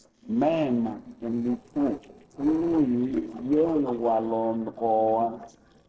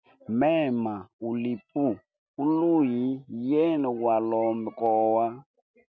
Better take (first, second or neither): second